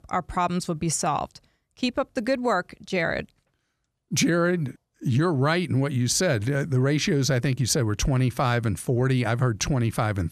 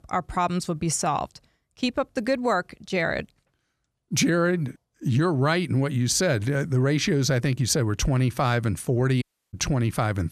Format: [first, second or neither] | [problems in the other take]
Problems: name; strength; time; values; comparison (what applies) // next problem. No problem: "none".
first | audio cutting out; at 9 s